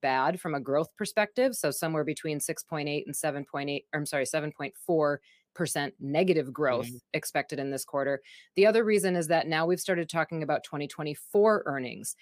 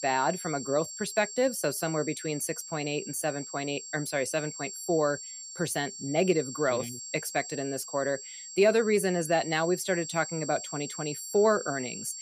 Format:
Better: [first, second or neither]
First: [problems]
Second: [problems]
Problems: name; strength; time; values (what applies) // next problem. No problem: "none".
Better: first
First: none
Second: high-pitched whine; loud; throughout; 7.5 kHz, 9 dB below the speech